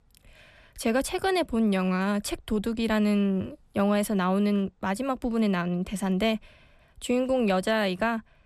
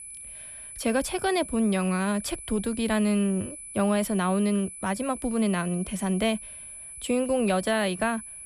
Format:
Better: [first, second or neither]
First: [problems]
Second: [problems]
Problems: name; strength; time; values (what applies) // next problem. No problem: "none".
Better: first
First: none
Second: high-pitched whine; noticeable; throughout; 10 kHz, 10 dB below the speech